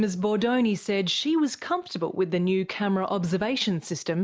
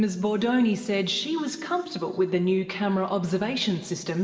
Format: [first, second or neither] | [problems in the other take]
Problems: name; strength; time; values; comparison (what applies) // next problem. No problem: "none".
first | room echo; dies away in 2.2 s